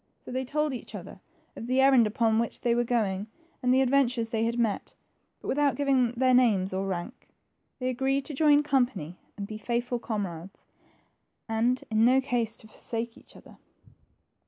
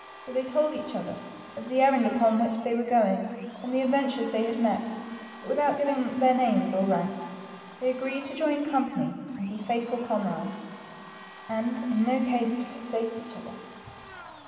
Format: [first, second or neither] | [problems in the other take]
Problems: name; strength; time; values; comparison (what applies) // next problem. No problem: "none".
first | background sound (Domestic sounds, home sounds); 18 dB below the speech // room echo; dies away in 2.3 s